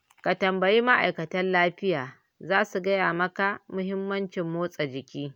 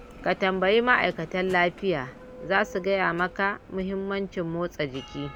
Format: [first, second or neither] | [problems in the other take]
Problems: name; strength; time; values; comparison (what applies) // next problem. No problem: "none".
first | background sound (Bell); 18 dB below the speech